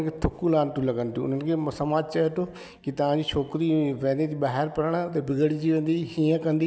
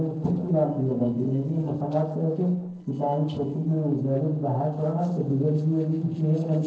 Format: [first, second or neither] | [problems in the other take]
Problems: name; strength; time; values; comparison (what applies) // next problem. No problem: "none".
first | noise reduction (neural separator model SepFormer DNS4)